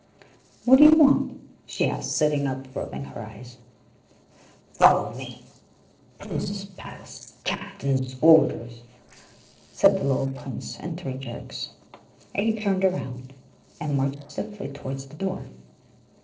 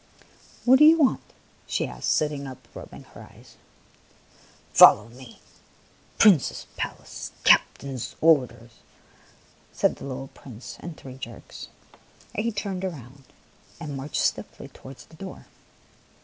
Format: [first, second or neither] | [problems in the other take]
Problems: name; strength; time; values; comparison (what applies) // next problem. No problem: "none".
second | noise reduction (neural separator model SepFormer DNS4)